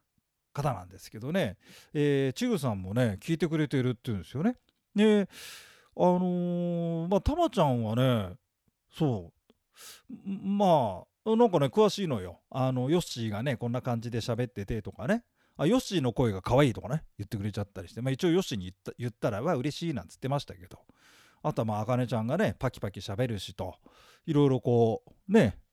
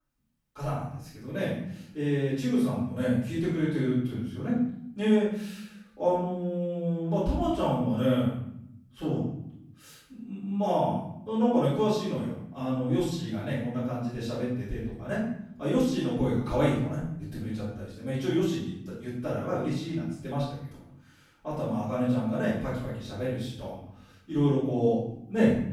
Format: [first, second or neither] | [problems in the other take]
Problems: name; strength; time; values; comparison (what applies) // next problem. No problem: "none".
first | off-mic speech; far // room echo; noticeable; dies away in 0.7 s